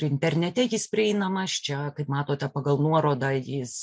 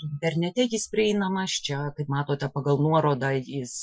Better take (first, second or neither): first